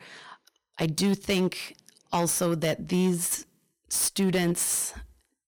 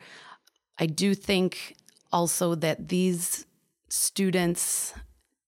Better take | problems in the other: second | distortion; slight; 7% of the sound clipped

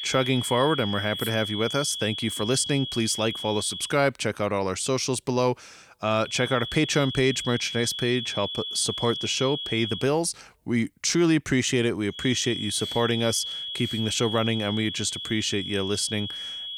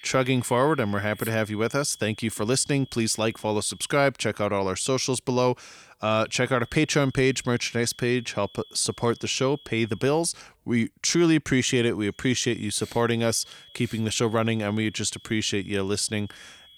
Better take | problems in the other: second | high-pitched whine; loud; until 4 s, from 6.5 to 10 s and from 12 s on; 3.5 kHz, 6 dB below the speech; faint in the second

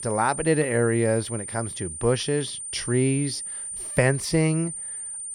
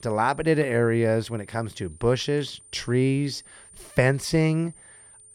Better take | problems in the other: second | high-pitched whine; loud; throughout; 9 kHz, 7 dB below the speech; faint in the second

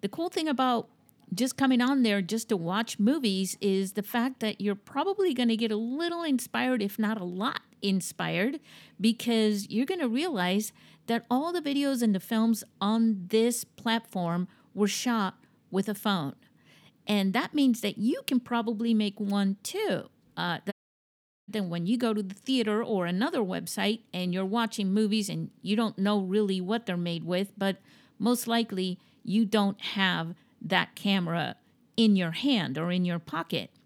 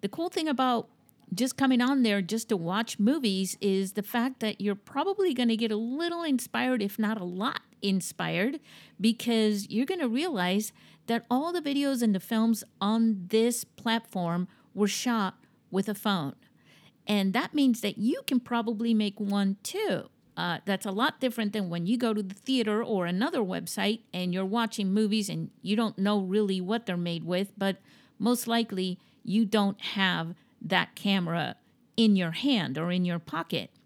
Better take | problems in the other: second | audio cutting out; at 21 s for 1 s

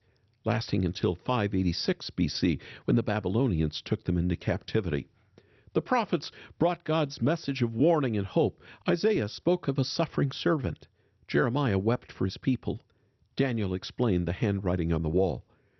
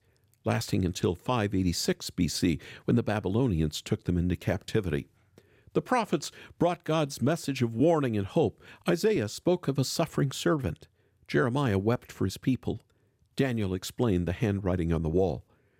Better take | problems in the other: second | garbled, watery; slightly; nothing above 6 kHz

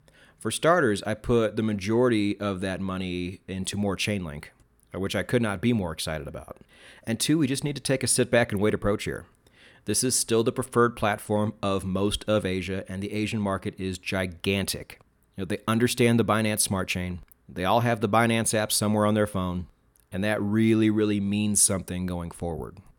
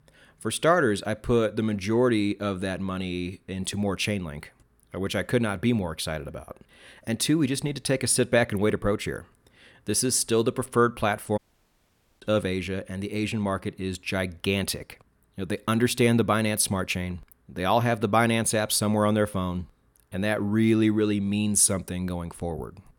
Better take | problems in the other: first | audio cutting out; at 11 s for 1 s

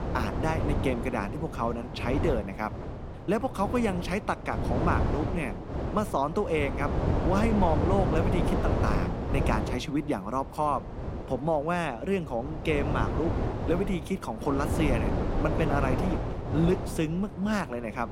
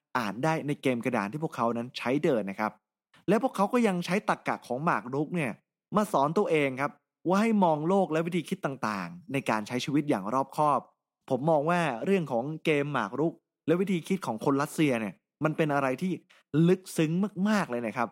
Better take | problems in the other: second | wind noise on the microphone; heavy; 4 dB below the speech

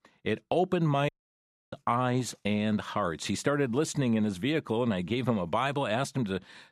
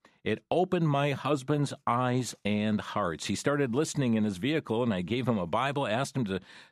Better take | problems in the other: second | audio cutting out; at 1 s for 0.5 s

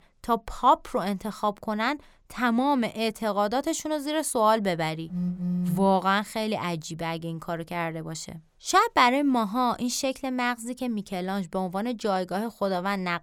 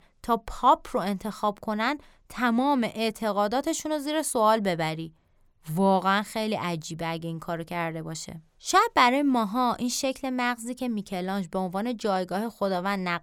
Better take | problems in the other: second | phone ringing; noticeable; at 5 s; peak 1 dB below the speech

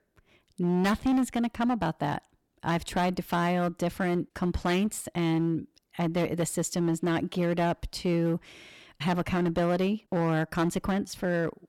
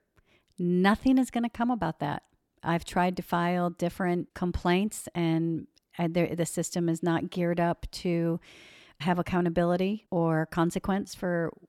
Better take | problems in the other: second | distortion; slight; 11% of the sound clipped

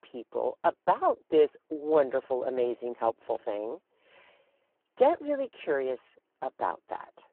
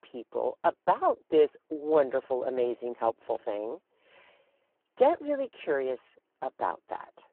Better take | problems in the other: neither | phone-call audio; poor line; the same in both

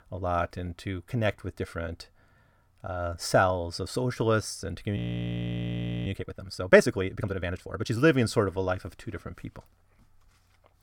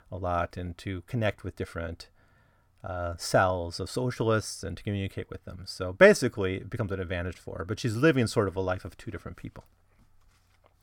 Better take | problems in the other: second | audio freezing; at 5 s for 1 s

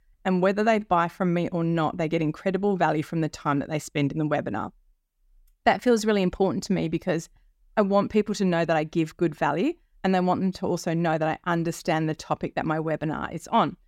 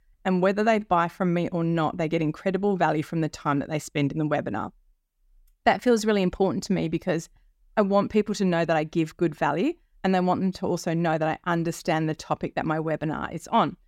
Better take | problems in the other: neither | none

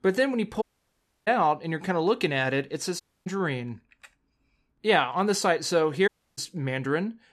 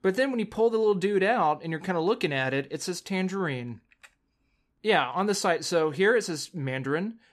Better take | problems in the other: second | audio cutting out; at 0.5 s for 0.5 s, at 3 s and at 6 s

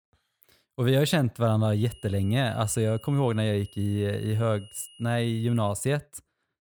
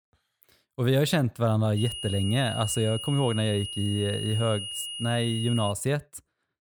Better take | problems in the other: first | high-pitched whine; loud; from 2 to 5.5 s; 3 kHz, 7 dB below the speech; faint in the first

